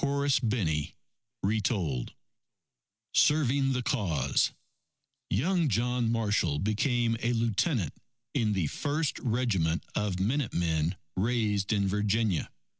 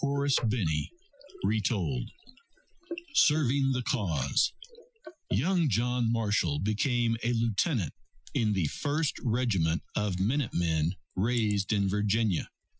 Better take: first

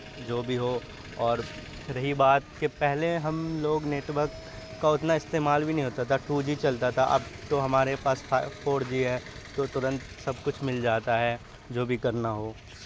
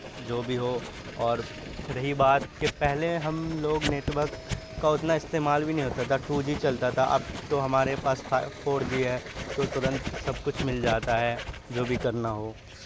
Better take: first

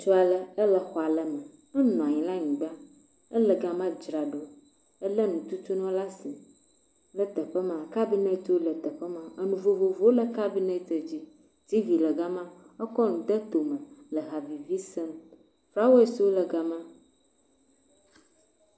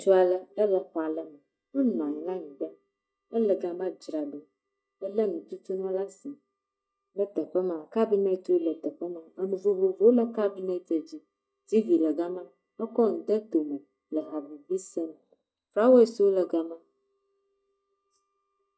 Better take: first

